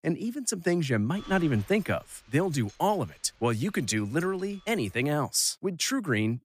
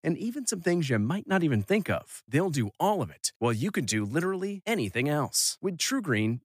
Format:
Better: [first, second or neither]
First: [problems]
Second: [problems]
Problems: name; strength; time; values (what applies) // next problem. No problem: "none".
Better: second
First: wind noise on the microphone; occasional gusts; from 1 to 5 s; 25 dB below the speech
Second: none